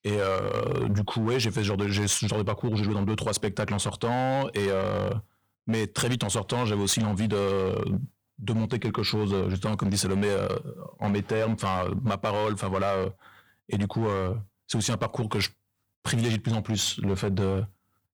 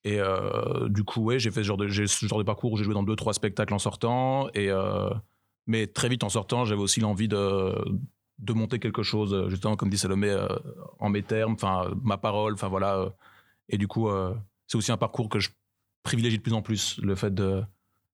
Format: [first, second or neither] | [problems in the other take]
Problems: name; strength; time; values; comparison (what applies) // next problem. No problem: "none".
second | distortion; slight; 10% of the sound clipped